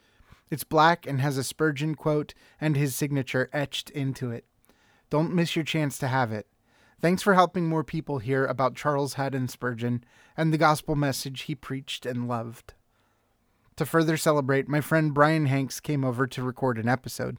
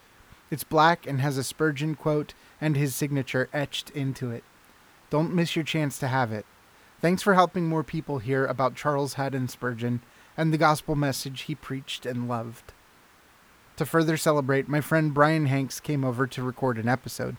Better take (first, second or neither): first